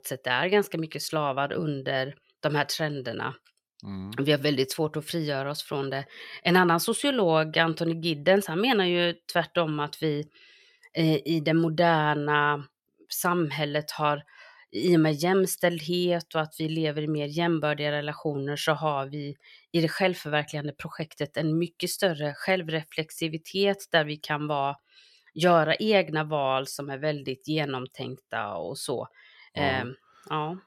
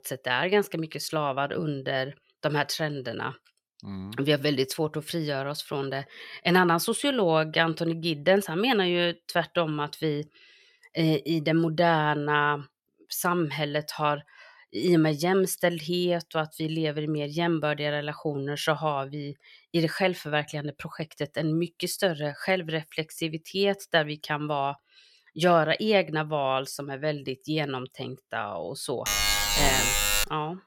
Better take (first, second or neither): first